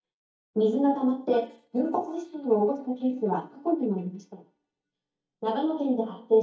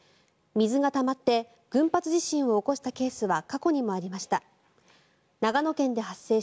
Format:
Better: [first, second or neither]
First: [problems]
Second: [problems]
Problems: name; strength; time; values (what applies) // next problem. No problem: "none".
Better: second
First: noise reduction (neural mask model DeepFilterNet 3)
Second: none